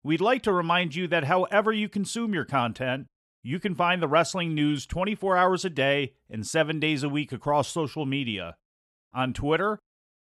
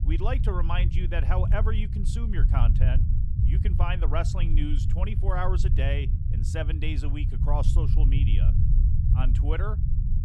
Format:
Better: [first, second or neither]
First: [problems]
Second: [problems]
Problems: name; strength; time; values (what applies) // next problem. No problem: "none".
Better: first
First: none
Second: low rumble; loud; throughout; 6 dB below the speech